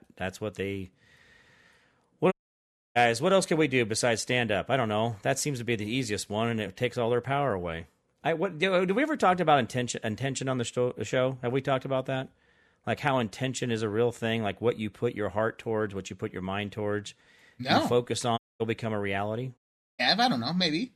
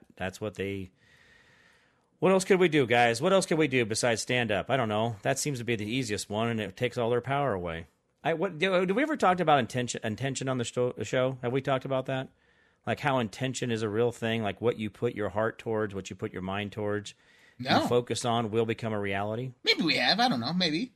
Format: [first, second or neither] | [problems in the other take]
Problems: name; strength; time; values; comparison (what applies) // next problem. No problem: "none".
second | audio cutting out; at 2.5 s for 0.5 s, at 18 s and at 20 s